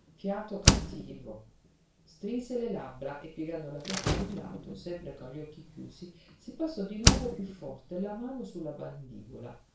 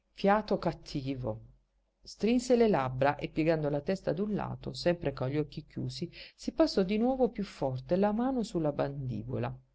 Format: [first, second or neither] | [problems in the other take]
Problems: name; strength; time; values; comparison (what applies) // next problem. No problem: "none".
second | background sound (Slam); 5 dB above the speech // room echo; dies away in 0.3 s